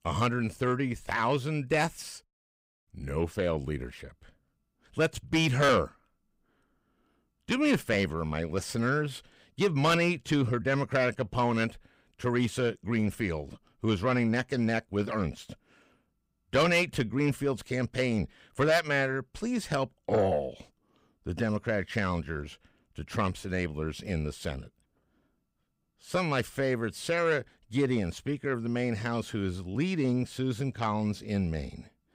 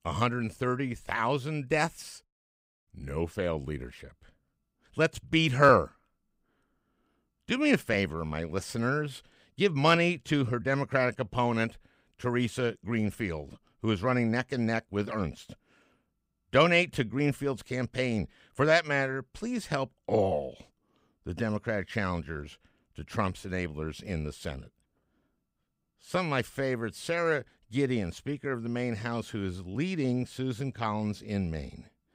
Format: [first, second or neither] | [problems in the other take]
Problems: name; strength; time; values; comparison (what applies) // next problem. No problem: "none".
second | distortion; slight; 10 dB below the speech